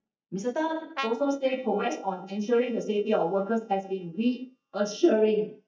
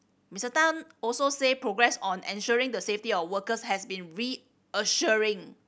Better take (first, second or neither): second